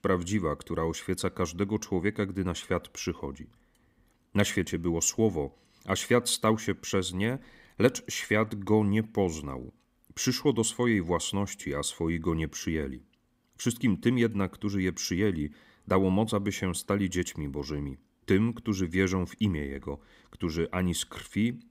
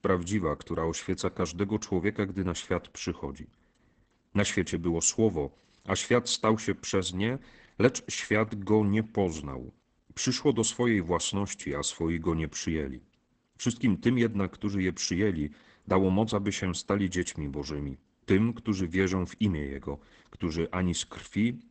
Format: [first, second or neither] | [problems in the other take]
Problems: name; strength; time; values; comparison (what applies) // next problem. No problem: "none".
first | garbled, watery; badly; nothing above 8 kHz